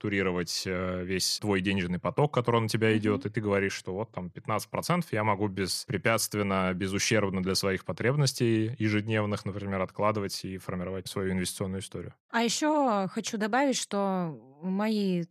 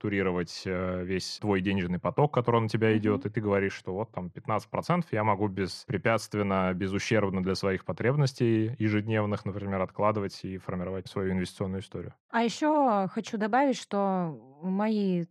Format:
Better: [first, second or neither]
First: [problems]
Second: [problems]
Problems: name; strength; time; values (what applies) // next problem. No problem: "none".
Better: first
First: none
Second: muffled; slightly; fading above 2 kHz